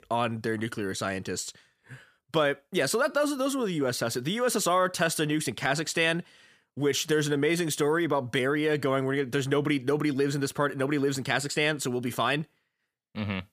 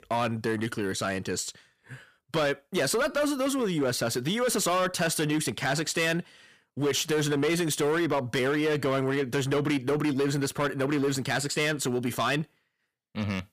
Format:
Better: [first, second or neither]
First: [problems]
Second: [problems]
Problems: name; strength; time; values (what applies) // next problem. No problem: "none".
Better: first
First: none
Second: distortion; slight; 12% of the sound clipped